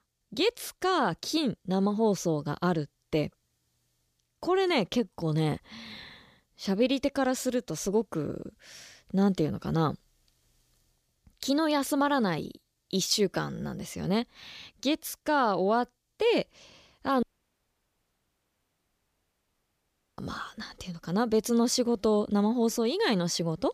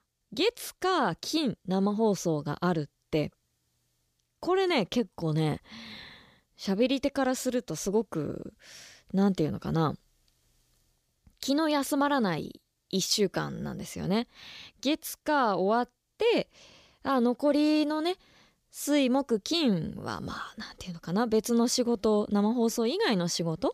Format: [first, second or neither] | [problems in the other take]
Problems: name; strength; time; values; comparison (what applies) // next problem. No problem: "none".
second | audio cutting out; at 17 s for 3 s